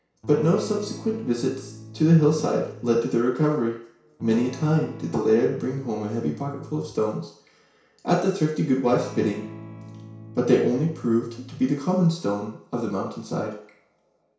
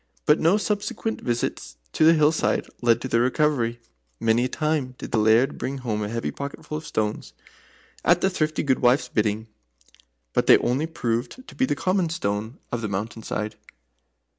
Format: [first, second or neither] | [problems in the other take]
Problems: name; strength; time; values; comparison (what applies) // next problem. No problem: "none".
second | background sound (Electric guitar / Strum); 17 dB below the speech // room echo; dies away in 0.6 s